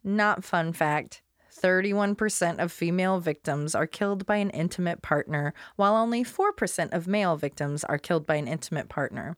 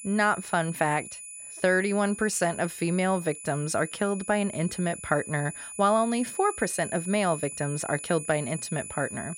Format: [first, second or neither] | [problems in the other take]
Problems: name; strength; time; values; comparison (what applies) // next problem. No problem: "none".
first | high-pitched whine; noticeable; throughout; 10 kHz, 10 dB below the speech